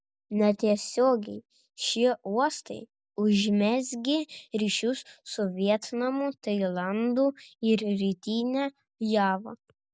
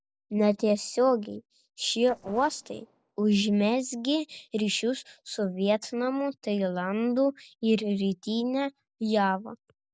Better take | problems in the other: first | noise reduction (neural separator model SepFormer DNS4)

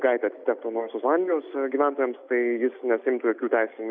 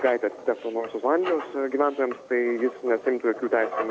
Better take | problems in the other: first | background sound (Writing); 12 dB below the speech

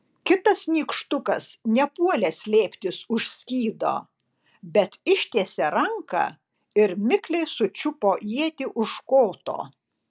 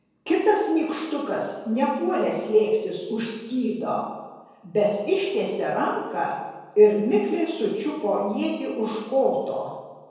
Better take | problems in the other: first | room echo; dies away in 1.2 s

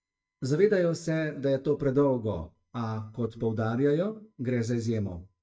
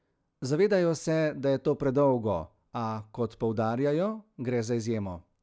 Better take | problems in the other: second | noise reduction (neural mask model DeepFilterNet 3)

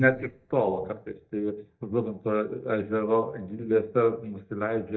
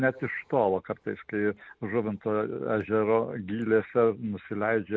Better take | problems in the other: second | noise reduction (neural mask model DeepFilterNet 3)

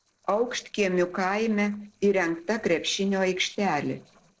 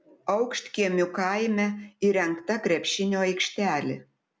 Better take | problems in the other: second | noise reduction (neural separator model SepFormer DNS4)

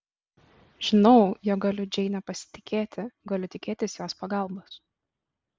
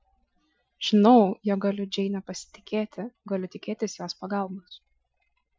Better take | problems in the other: first | noise reduction (classical method Wiener filter)

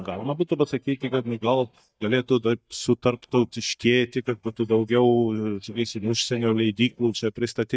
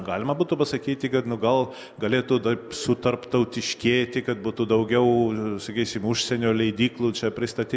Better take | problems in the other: second | noise reduction (neural mask model DeepFilterNet 3)

